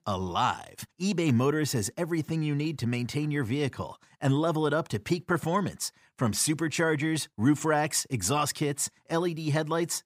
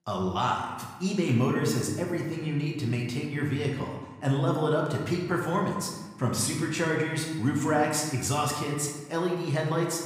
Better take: first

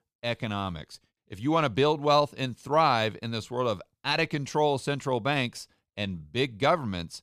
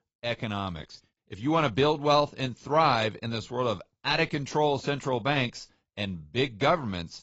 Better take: first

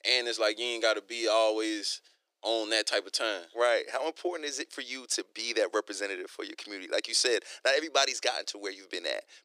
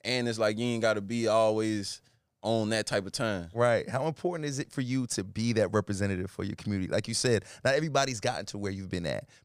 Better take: second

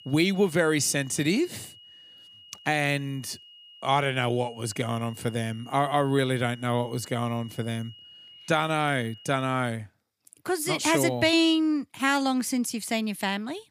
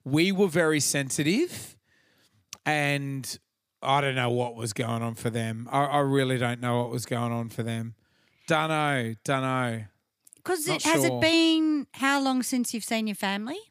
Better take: second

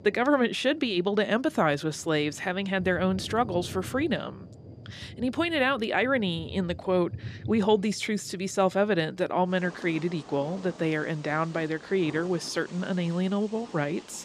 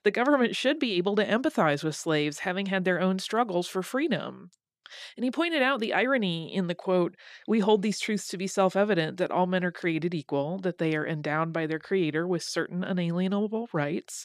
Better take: second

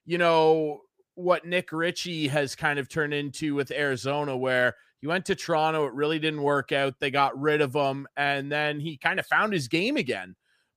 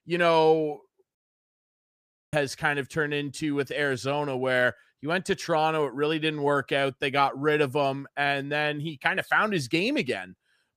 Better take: first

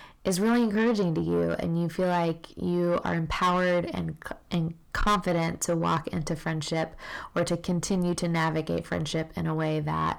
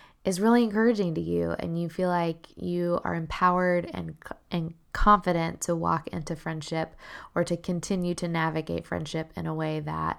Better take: second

